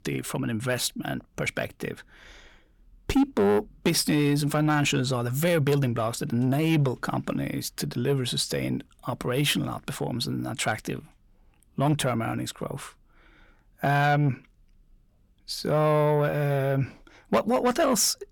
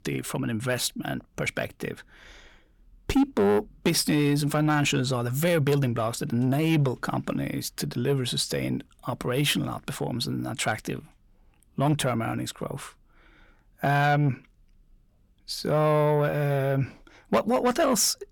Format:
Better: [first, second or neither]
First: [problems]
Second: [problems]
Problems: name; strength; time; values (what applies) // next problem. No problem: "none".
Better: neither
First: distortion; slight; 10 dB below the speech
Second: distortion; slight; 10 dB below the speech